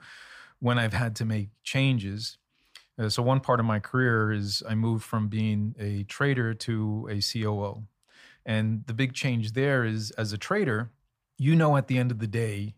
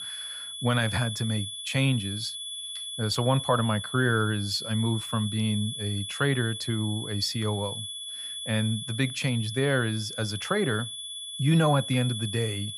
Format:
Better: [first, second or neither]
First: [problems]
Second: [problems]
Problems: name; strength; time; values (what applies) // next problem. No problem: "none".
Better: first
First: none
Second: high-pitched whine; loud; throughout; 3.5 kHz, 7 dB below the speech